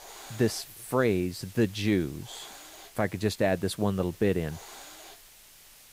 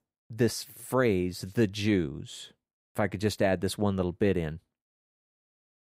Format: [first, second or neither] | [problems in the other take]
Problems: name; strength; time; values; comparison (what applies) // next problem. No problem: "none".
second | hiss; noticeable; throughout; 20 dB below the speech